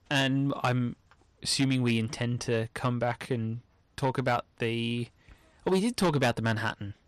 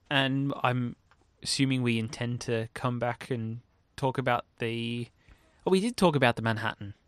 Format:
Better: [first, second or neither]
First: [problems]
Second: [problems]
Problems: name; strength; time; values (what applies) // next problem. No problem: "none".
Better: second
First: distortion; slight; 10 dB below the speech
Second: none